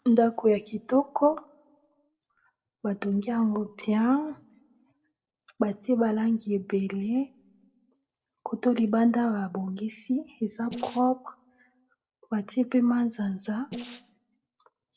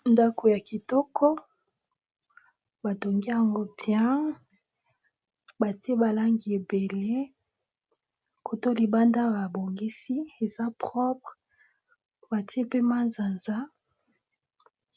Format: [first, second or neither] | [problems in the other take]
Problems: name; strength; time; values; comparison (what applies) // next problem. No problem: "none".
second | noise reduction (neural separator model SepFormer DNS4)